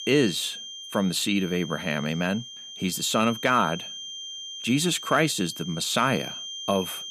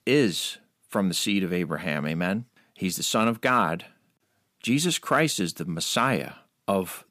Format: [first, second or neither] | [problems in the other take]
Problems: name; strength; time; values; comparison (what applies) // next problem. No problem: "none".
second | high-pitched whine; loud; throughout; 3 kHz, 10 dB below the speech